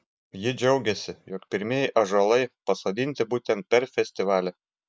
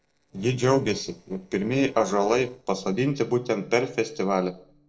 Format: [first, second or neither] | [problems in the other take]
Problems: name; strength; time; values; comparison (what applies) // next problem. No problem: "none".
first | noise reduction (neural separator model SepFormer DNS4)